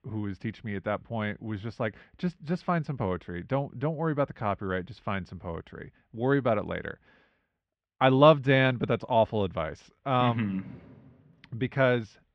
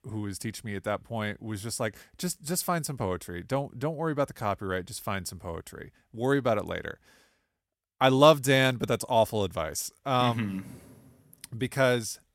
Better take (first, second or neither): second